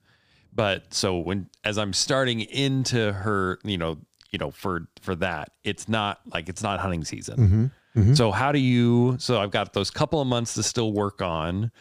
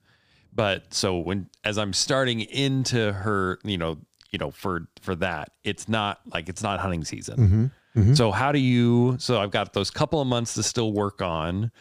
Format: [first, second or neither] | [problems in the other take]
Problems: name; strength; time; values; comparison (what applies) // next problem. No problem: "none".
neither | none